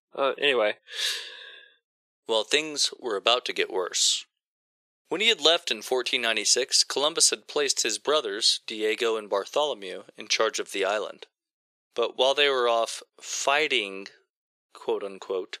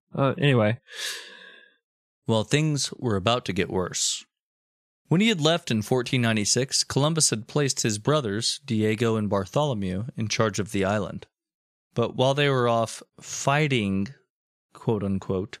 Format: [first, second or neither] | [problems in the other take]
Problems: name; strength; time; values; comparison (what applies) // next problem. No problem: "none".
second | thin; very; fading below 400 Hz